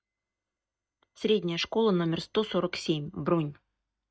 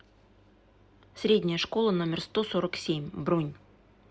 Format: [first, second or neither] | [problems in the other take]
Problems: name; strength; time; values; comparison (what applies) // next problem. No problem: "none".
second | noise reduction (neural mask model DeepFilterNet 3)